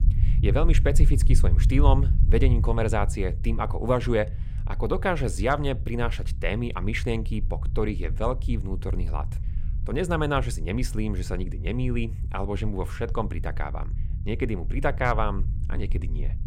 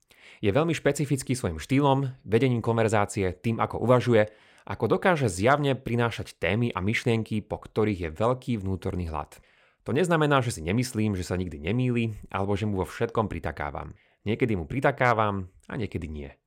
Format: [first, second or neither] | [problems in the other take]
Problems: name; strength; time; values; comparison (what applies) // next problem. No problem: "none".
second | low rumble; noticeable; throughout; 15 dB below the speech